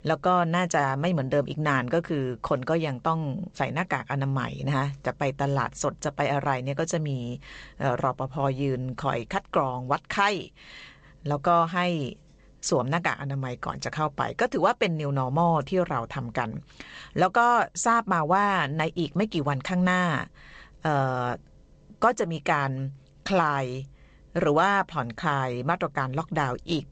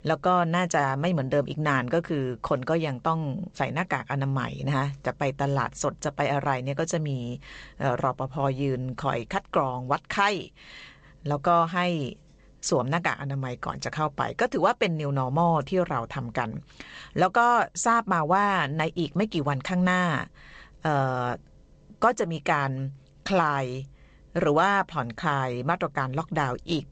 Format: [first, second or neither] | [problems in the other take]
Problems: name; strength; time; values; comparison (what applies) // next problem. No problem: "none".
neither | garbled, watery; slightly; nothing above 8 kHz; the same in both